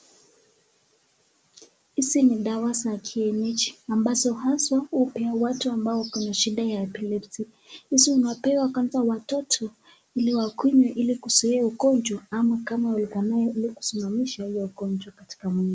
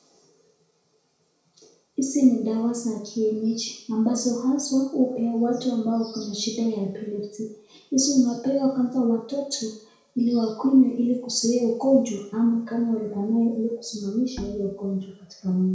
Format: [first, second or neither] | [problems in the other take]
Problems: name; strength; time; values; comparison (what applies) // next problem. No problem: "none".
first | background sound (Bowed string instrument); 17 dB below the speech // room echo; dies away in 0.6 s